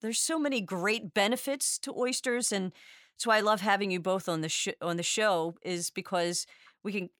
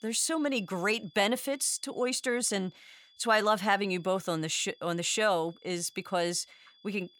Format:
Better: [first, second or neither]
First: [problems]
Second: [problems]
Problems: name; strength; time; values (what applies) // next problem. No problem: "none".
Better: first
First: none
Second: high-pitched whine; faint; throughout; 3.5 kHz, 30 dB below the speech